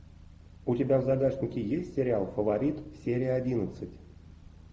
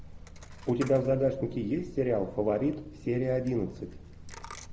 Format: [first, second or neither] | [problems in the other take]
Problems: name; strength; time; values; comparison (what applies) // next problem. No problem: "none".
first | background sound (Coin (dropping)); 17 dB below the speech